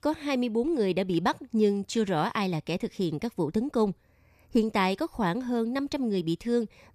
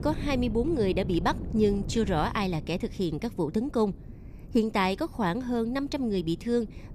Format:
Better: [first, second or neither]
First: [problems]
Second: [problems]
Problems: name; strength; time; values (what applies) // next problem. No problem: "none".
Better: first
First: none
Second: wind noise on the microphone; occasional gusts; 20 dB below the speech